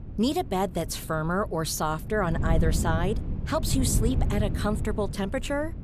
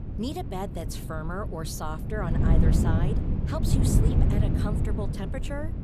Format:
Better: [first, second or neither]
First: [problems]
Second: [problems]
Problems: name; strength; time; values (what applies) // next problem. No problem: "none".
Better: first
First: wind noise on the microphone; occasional gusts; 15 dB below the speech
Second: wind noise on the microphone; heavy; 1 dB below the speech